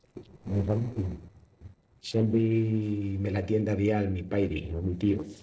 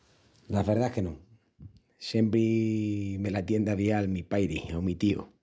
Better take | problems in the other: second | noise reduction (neural separator model SepFormer DNS4)

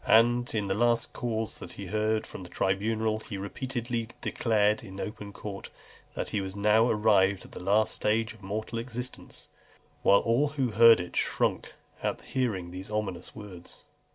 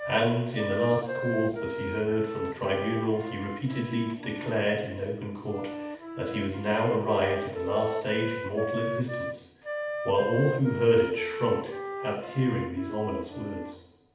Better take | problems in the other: first | background sound (Wind instrument, woodwind instrument); 7 dB below the speech // room echo; dies away in 0.8 s

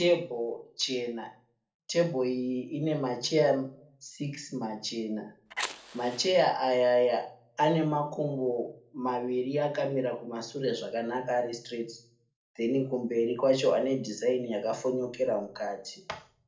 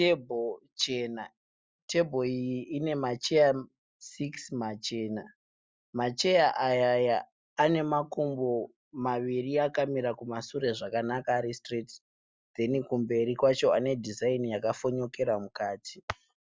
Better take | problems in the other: second | noise reduction (neural separator model SepFormer DNS4)

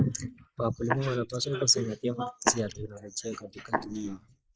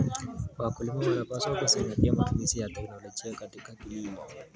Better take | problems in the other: second | noise reduction (neural mask model Resemble Enhance denoiser)

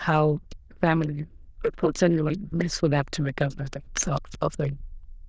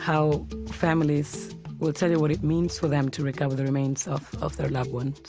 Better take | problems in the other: second | noise reduction (neural diffusion model UNIVERSE++)

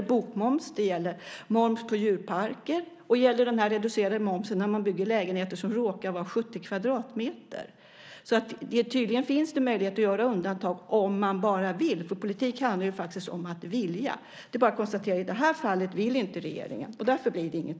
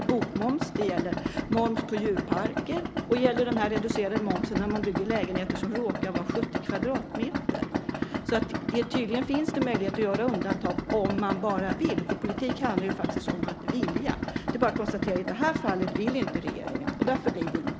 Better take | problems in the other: first | background sound (Idling); 1 dB below the speech

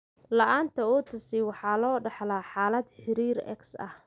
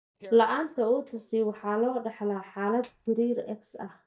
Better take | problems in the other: first | noise reduction (neural mask model DeepFilterNet 3)

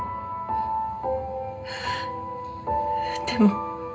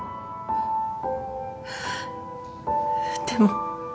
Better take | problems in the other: second | room echo; dies away in 0.2 s

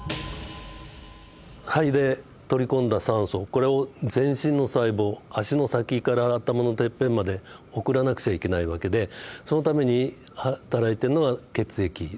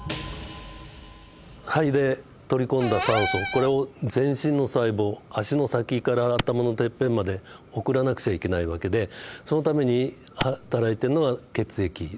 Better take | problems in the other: first | background sound (Clapping + Cupboard open or close / Door); 5 dB below the speech

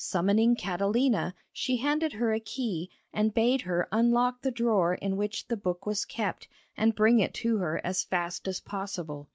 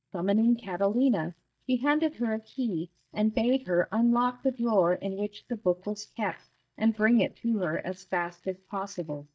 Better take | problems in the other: first | noise reduction (neural mask model DeepFilterNet 3)

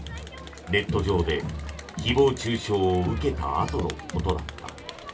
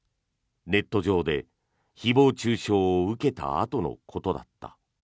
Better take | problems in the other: second | background sound (Crowd); 7 dB below the speech // room echo; dies away in 0.2 s

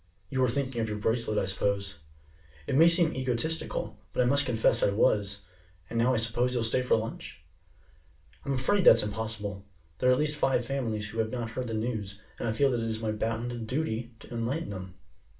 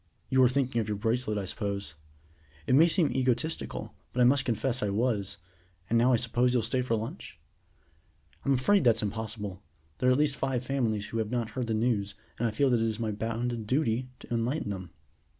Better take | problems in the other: second | room echo; dies away in 0.3 s

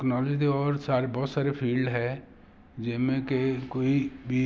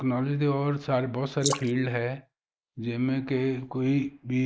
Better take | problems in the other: first | noise reduction (neural mask model Resemble Enhance denoiser)

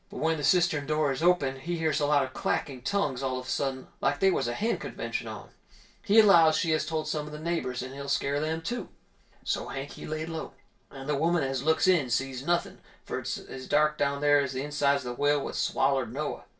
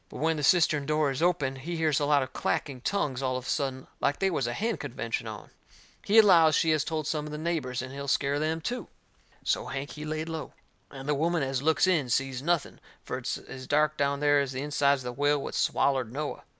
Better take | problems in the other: second | room echo; dies away in 0.2 s

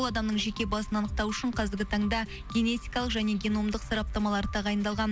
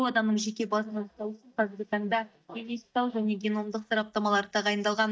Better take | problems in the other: first | noise reduction (neural mask model DeepFilterNet 3)

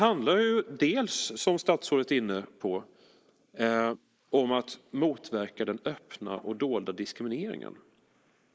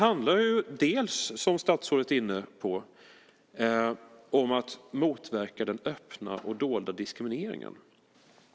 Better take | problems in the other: second | noise reduction (neural mask model Resemble Enhance denoiser)

